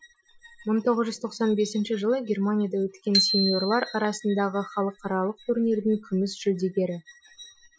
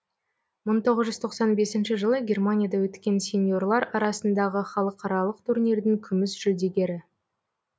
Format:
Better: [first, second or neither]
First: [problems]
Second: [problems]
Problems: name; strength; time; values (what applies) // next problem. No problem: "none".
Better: second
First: noise reduction (classical method Wiener filter)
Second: none